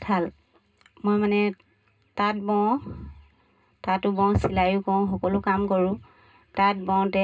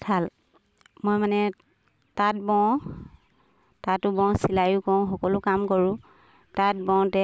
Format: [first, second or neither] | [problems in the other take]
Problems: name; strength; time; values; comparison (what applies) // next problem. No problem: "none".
second | room echo; dies away in 0.2 s